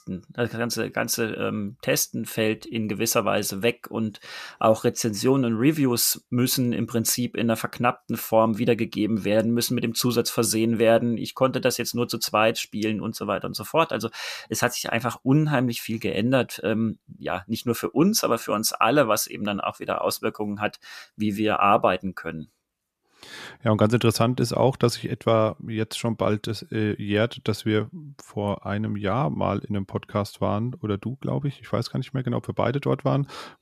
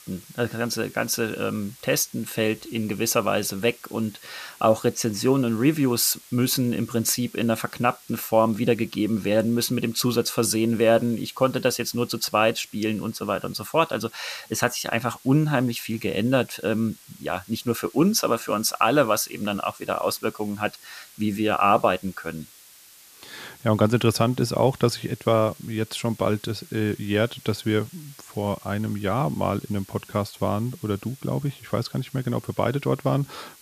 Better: first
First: none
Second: hiss; faint; throughout; 20 dB below the speech

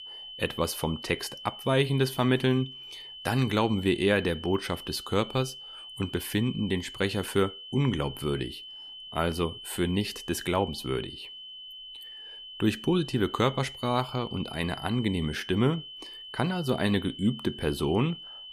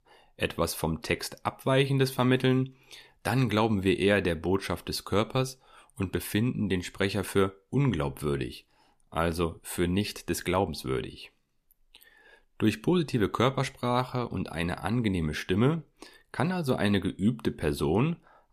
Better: second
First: high-pitched whine; noticeable; throughout; 3 kHz, 10 dB below the speech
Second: none

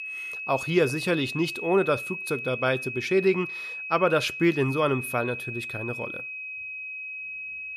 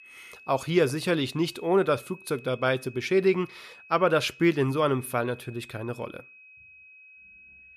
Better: second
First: high-pitched whine; loud; throughout; 2.5 kHz, 7 dB below the speech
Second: high-pitched whine; faint; throughout; 2.5 kHz, 20 dB below the speech

